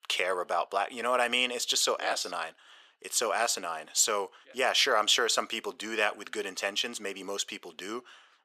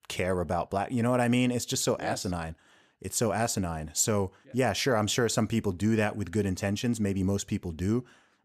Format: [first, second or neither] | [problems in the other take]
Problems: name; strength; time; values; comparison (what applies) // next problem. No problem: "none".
second | thin; very; fading below 450 Hz